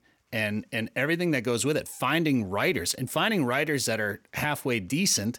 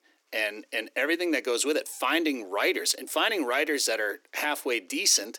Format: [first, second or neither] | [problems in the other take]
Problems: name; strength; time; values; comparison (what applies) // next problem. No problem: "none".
first | thin; somewhat; fading below 300 Hz